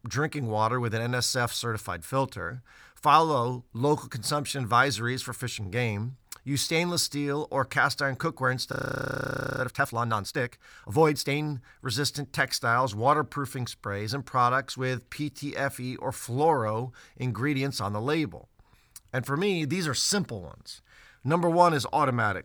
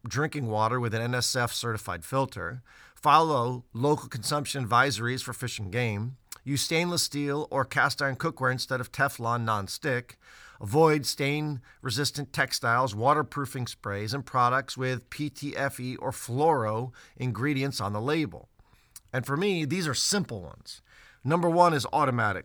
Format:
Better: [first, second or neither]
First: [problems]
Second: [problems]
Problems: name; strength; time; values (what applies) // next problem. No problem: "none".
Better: second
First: audio freezing; at 8.5 s for 1 s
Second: none